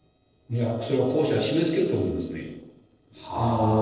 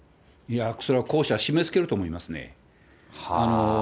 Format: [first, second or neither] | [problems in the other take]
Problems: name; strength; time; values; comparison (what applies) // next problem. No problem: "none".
second | noise reduction (neural separator model SepFormer DNS4)